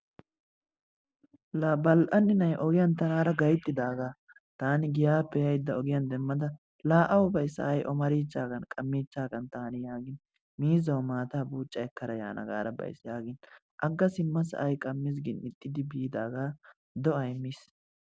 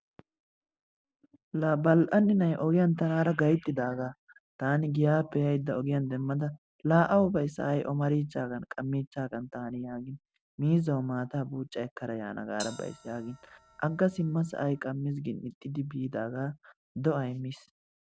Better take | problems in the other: first | background sound (Bell); 19 dB below the speech

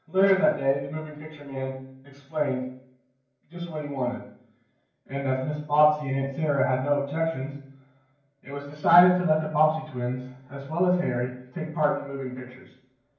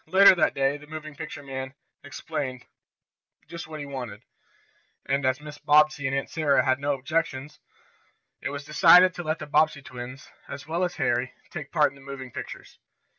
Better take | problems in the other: second | room echo; dies away in 0.9 s

